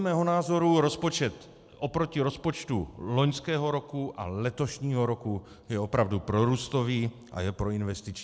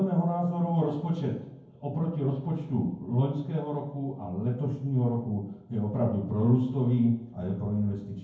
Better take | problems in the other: first | room echo; dies away in 0.9 s

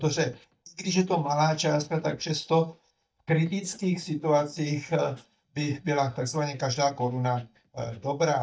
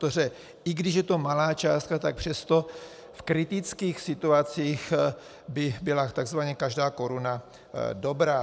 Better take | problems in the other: second | noise reduction (neural mask model DeepFilterNet 3)

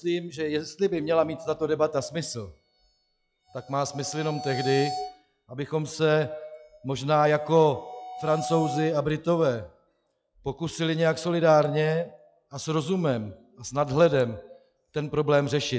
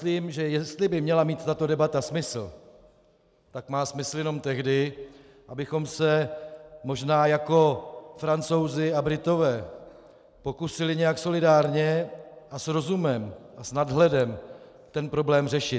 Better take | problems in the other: second | noise reduction (classical method log-MMSE)

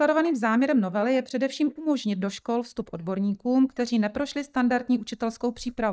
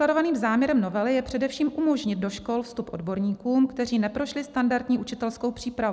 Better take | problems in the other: second | noise reduction (neural mask model DeepFilterNet 3)

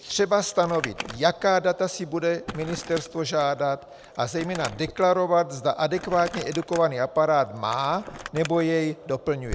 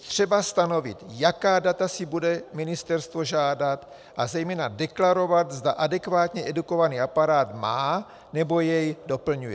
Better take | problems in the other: second | background sound (Crumpling, crinkling); 16 dB below the speech

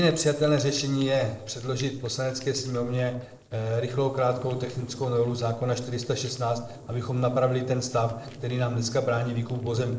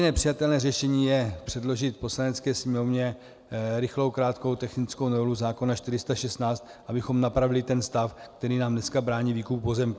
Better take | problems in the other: second | noise reduction (neural separator model SepFormer DNS4)

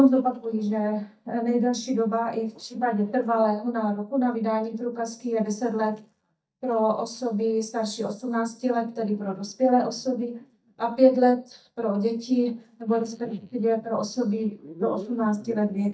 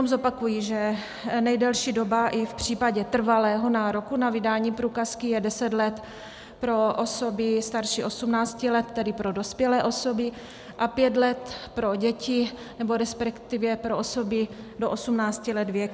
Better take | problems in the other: second | noise reduction (neural mask model DeepFilterNet 3)

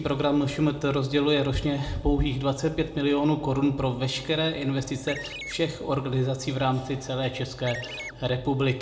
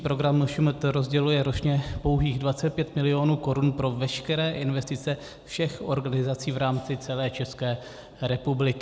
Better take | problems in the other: second | background sound (Chirp, tweet); 11 dB below the speech // room echo; dies away in 0.9 s

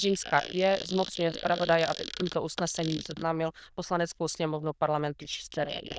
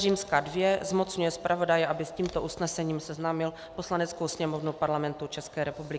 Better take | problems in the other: second | noise reduction (neural diffusion model UNIVERSE++)

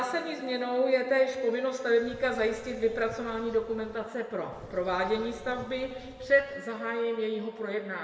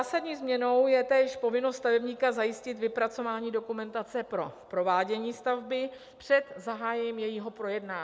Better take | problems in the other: second | background sound (Bird); 20 dB below the speech // room echo; dies away in 2 s

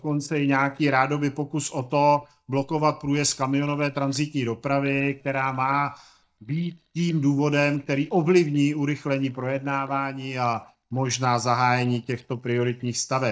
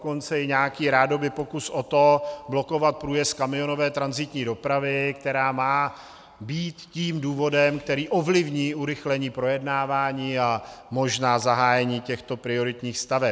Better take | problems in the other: second | noise reduction (neural mask model DeepFilterNet 3)

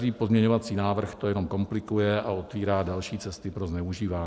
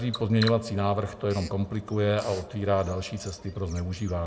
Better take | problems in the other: first | background sound (Bird vocalization, bird call, bird song); 16 dB below the speech // room echo; dies away in 0.9 s

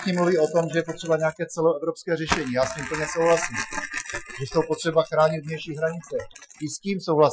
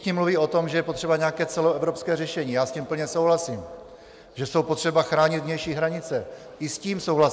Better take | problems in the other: second | noise reduction (classical method Wiener filter)

